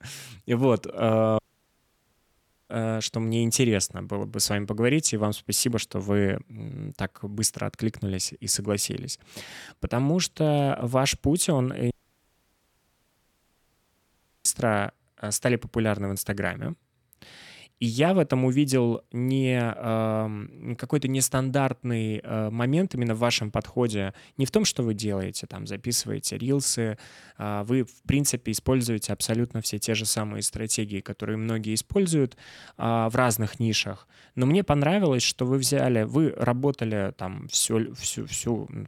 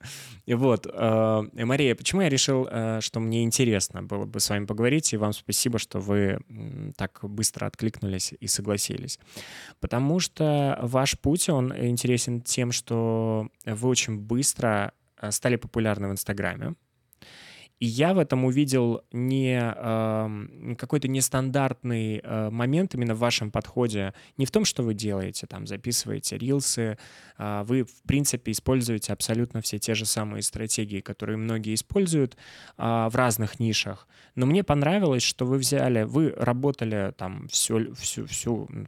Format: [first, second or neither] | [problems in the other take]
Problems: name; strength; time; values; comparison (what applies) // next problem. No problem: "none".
second | audio cutting out; at 1.5 s for 1.5 s and at 12 s for 2.5 s